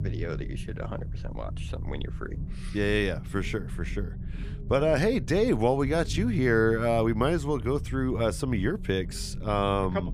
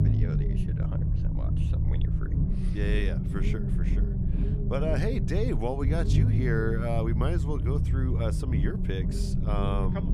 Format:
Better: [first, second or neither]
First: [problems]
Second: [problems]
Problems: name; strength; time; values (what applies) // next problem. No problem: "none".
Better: first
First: low rumble; faint; throughout; 20 dB below the speech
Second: low rumble; loud; throughout; 5 dB below the speech